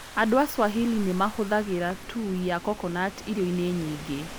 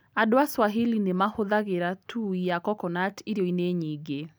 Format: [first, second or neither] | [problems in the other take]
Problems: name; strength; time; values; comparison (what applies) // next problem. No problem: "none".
second | background sound (Rain / Thunderstorm); 13 dB below the speech